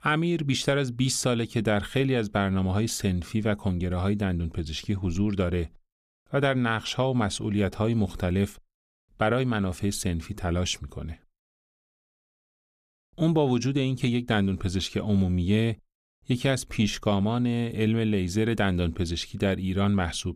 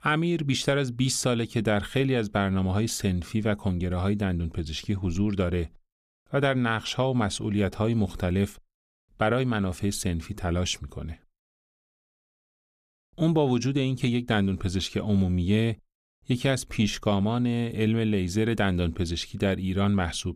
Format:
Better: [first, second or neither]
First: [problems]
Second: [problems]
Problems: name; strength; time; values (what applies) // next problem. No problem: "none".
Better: neither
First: none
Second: none